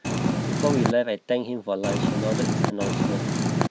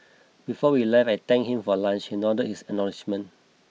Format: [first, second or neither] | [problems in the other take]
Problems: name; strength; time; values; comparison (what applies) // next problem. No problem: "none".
second | background sound (Purr); 4 dB above the speech